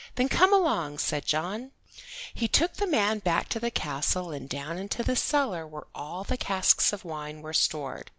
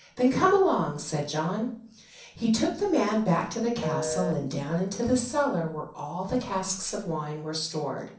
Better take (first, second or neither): first